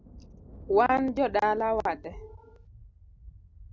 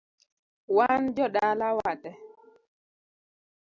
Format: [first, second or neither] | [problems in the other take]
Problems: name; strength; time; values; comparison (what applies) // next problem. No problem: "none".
second | background sound (Thunder); 19 dB below the speech